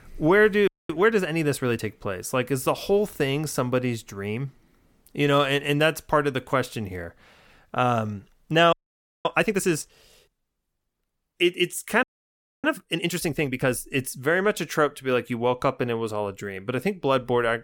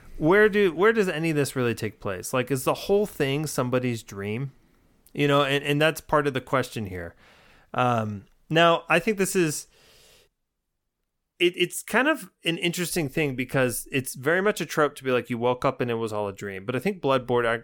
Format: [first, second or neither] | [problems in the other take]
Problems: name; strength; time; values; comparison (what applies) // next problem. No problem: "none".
second | audio freezing; at 0.5 s, at 8.5 s for 0.5 s and at 12 s for 0.5 s